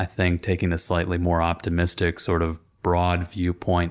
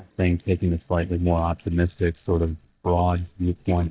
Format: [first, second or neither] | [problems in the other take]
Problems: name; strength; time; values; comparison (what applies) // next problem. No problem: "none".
first | noise reduction (neural mask model DeepFilterNet 3)